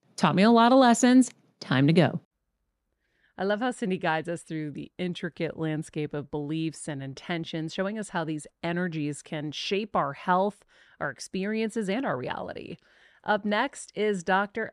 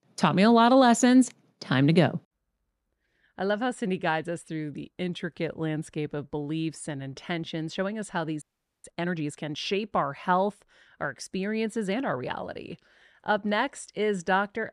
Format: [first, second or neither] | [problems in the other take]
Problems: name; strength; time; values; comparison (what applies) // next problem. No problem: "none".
first | audio freezing; at 8.5 s